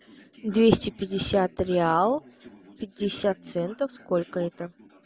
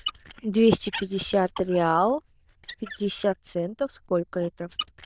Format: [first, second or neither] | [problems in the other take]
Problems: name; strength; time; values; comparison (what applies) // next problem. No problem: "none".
first | noise reduction (neural diffusion model UNIVERSE++)